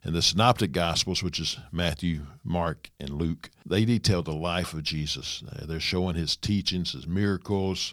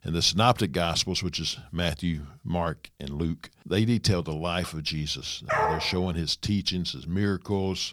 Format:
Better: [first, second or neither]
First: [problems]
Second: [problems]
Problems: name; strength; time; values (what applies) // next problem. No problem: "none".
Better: first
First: none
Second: dog barking; loud; at 5.5 s; peak 2 dB above the speech